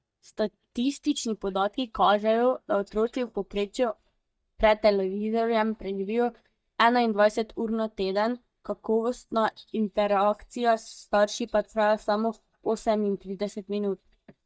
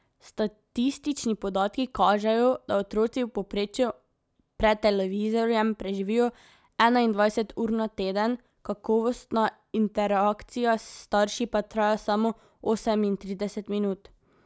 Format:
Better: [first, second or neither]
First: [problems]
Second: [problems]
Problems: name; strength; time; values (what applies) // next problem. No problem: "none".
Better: second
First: noise reduction (neural mask model DeepFilterNet 3)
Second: none